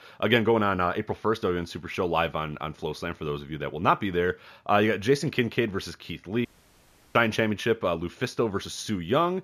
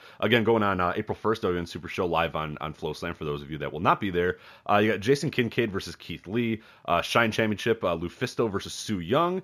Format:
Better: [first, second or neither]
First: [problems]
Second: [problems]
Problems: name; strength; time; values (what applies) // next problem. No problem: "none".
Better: second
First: audio cutting out; at 6.5 s for 0.5 s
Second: none